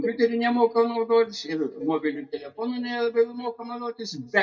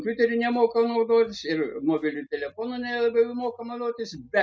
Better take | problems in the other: second | noise reduction (neural mask model DeepFilterNet 3)

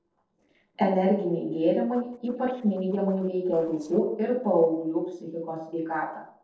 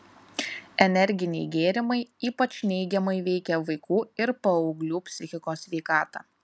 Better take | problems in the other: second | noise reduction (neural separator model SepFormer DNS4)

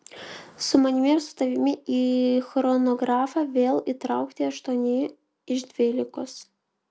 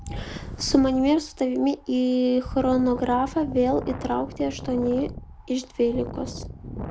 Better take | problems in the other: first | background sound (Wind); 12 dB below the speech

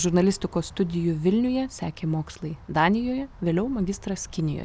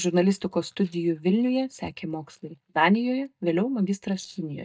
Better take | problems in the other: first | noise reduction (neural mask model DeepFilterNet 3)

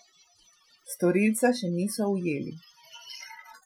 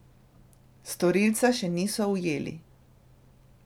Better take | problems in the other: second | noise reduction (classical method Wiener filter)

